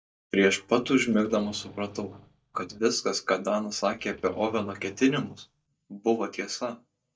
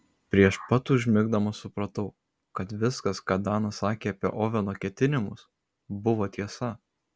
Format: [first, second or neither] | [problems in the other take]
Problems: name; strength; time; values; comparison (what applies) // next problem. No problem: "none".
second | noise reduction (neural mask model DeepFilterNet 3)